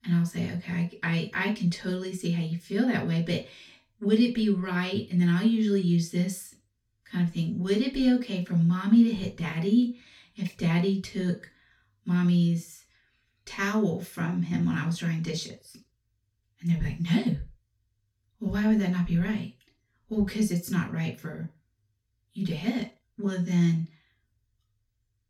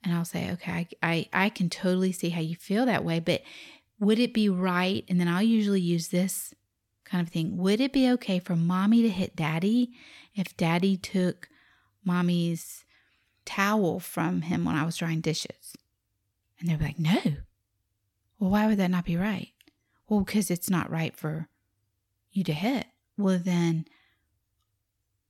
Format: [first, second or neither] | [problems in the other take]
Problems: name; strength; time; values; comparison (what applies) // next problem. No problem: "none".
second | room echo; very slight; dies away in 0.2 s // off-mic speech; far